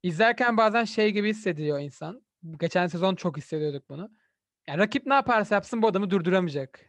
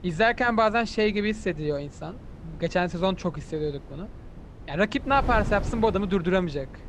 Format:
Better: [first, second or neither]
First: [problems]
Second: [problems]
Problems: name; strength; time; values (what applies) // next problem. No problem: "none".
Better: first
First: none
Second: wind noise on the microphone; occasional gusts; 20 dB below the speech